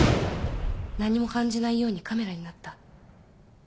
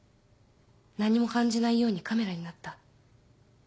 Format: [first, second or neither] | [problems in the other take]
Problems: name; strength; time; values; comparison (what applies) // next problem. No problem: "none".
second | background sound (Gunshot, gunfire); as loud as the speech